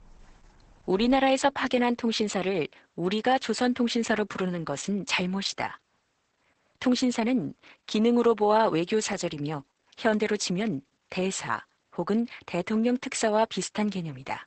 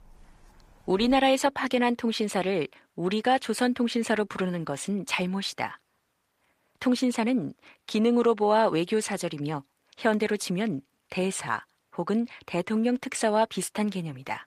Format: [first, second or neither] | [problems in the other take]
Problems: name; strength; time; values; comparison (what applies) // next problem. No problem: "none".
second | garbled, watery; badly; nothing above 8 kHz; slightly in the second